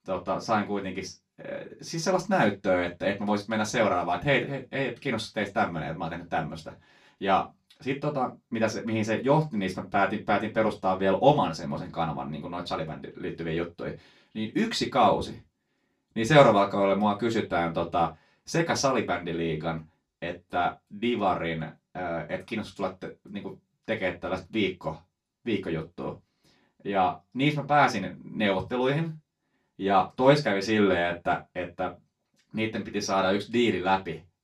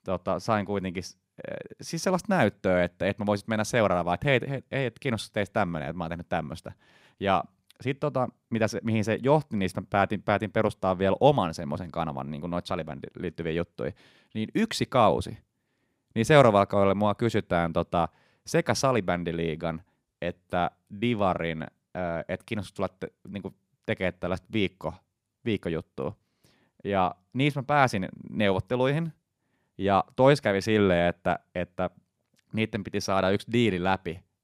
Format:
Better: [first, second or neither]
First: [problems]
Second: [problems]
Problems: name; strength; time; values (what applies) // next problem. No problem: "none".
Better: second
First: room echo; very slight; dies away in 0.2 s // off-mic speech; far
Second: none